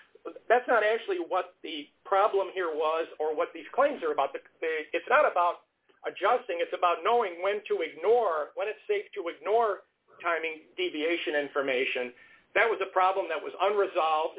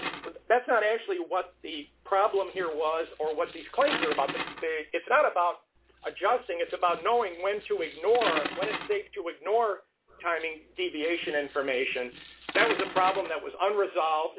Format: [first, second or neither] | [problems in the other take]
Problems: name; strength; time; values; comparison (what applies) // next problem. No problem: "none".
first | background sound (Coin (dropping)); 11 dB below the speech